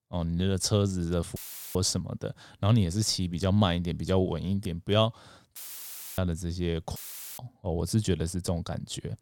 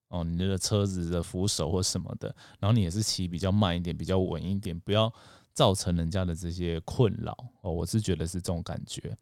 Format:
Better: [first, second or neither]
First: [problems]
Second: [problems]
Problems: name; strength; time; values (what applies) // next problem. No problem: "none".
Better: second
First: audio cutting out; filled with static; at 1.5 s, at 5.5 s for 0.5 s and at 7 s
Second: none